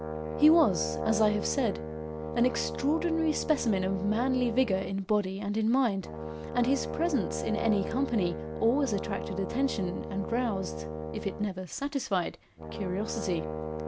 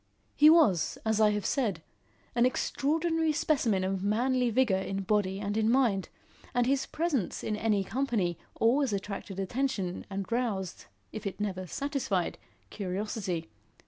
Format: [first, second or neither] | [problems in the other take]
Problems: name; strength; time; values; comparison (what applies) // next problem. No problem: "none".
second | background sound (Brass instrument); 7 dB below the speech